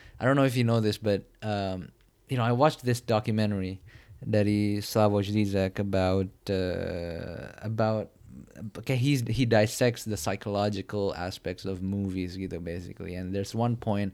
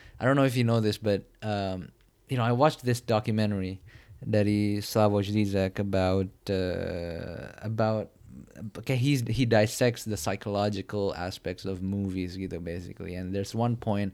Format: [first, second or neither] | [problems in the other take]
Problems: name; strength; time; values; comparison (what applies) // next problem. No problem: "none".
neither | none